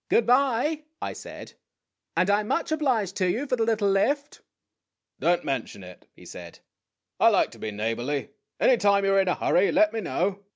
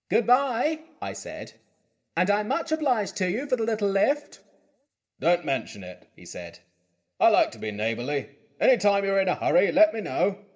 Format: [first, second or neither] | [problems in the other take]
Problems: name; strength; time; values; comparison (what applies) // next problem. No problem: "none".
first | room echo; dies away in 0.4 s